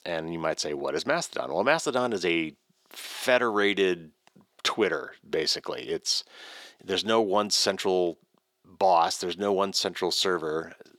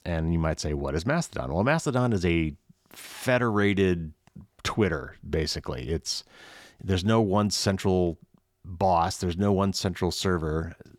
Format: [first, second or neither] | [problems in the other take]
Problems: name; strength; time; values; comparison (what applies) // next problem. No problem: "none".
second | thin; somewhat; fading below 400 Hz